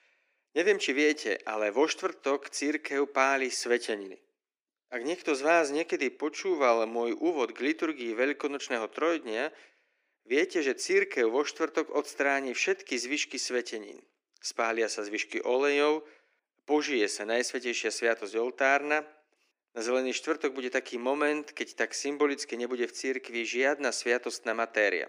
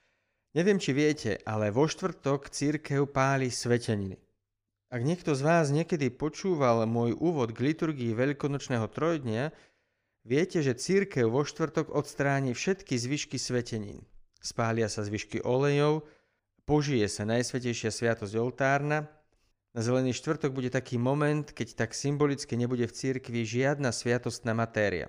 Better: second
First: thin; somewhat; fading below 300 Hz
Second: none

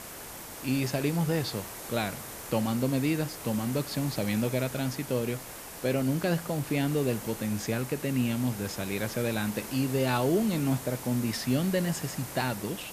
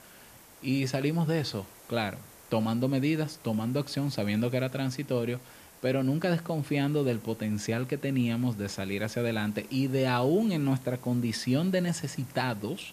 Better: second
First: hiss; loud; throughout; 10 dB below the speech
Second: hiss; faint; throughout; 20 dB below the speech

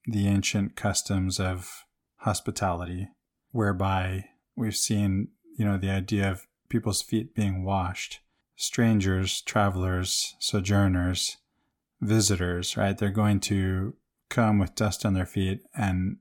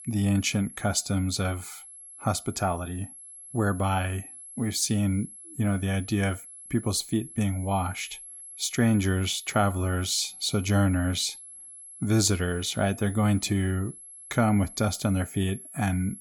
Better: first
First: none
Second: high-pitched whine; noticeable; throughout; 11 kHz, 15 dB below the speech

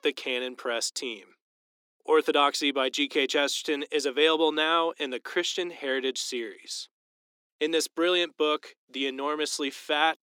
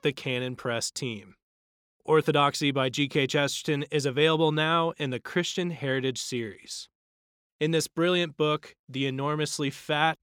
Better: second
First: thin; very slightly; fading below 250 Hz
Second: none

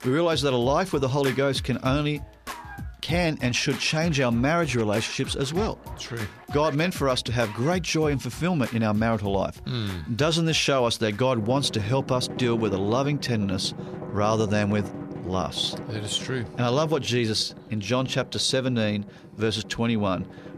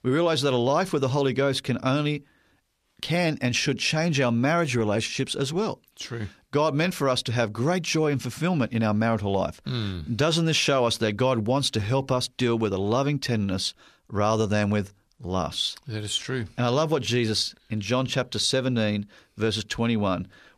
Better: second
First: background music; noticeable; throughout; 15 dB below the speech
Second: none

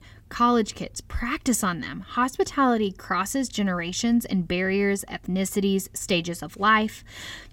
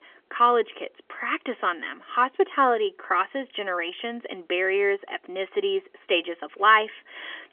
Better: first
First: none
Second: phone-call audio; nothing above 3.5 kHz

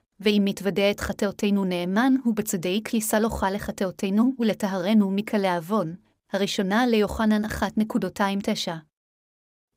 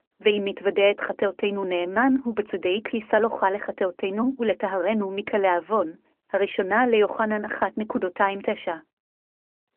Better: first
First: none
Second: phone-call audio; nothing above 3 kHz

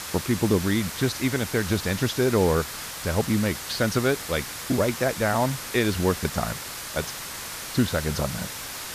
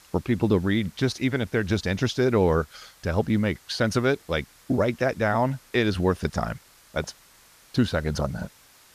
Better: second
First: hiss; loud; throughout; 7 dB below the speech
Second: hiss; faint; throughout; 25 dB below the speech

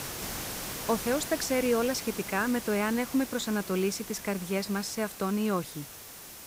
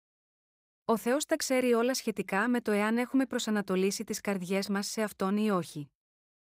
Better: second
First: hiss; loud; throughout; 9 dB below the speech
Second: none

